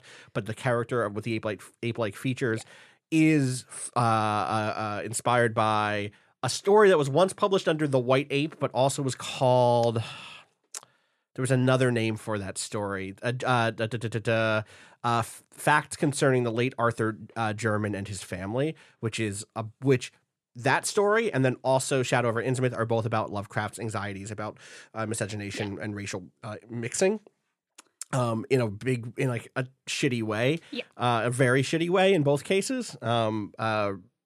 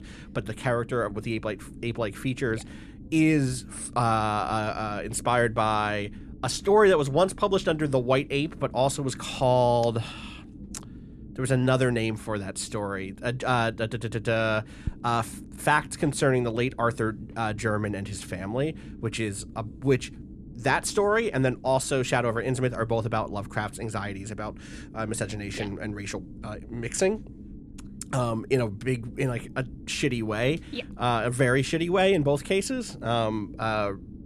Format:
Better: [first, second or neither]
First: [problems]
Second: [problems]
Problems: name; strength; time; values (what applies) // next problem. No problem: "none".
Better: first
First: none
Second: low rumble; faint; throughout; 25 dB below the speech